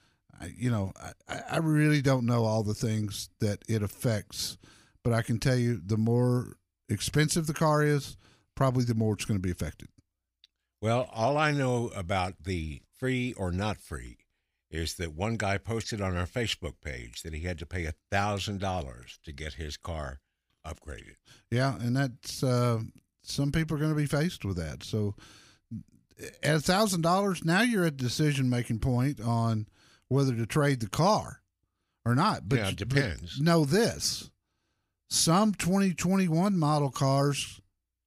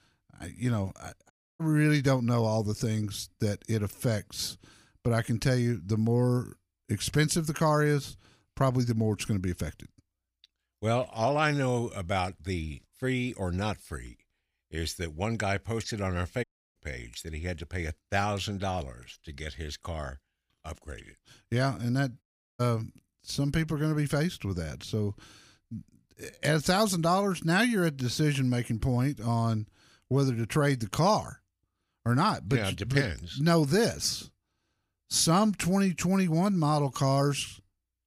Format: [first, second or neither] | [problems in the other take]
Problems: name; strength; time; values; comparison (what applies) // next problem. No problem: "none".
first | audio cutting out; at 1.5 s, at 16 s and at 22 s